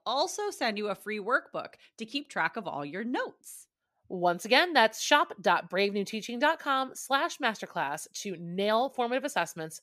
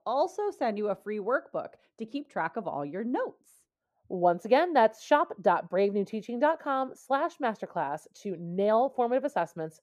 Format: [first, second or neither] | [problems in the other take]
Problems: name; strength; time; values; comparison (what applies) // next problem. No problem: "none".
first | muffled; very; fading above 1.5 kHz